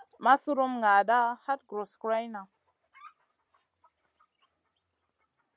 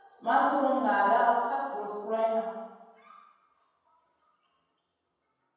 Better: first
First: none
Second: room echo; dies away in 1.2 s

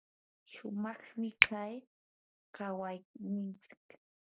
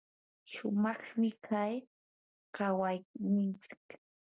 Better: second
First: background sound (Finger snapping); 5 dB above the speech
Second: none

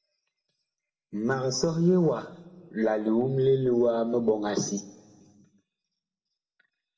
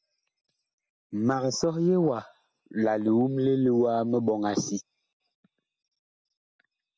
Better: second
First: room echo; dies away in 1.3 s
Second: none

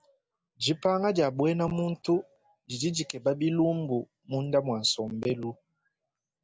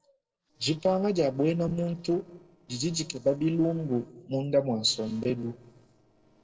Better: first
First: none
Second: noise reduction (neural separator model SepFormer DNS4)

